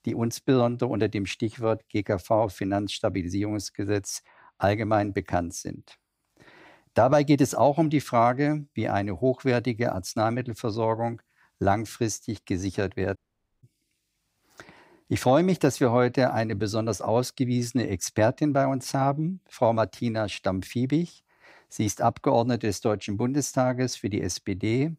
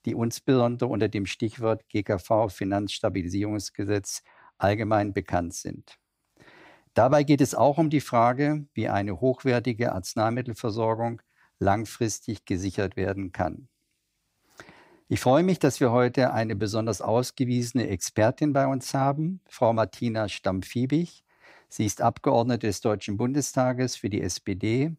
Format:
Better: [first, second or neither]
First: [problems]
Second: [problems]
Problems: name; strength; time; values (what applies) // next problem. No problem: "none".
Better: second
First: audio cutting out; at 13 s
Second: none